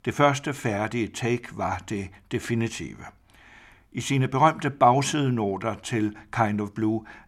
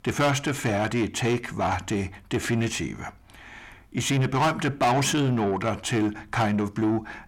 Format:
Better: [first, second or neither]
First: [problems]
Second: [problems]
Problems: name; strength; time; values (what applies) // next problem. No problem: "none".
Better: first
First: none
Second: distortion; heavy; 7 dB below the speech